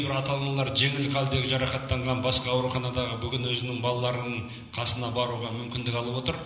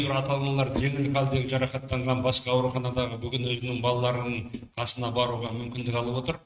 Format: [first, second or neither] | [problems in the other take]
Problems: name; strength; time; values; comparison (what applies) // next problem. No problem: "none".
first | noise reduction (neural mask model RNNoise)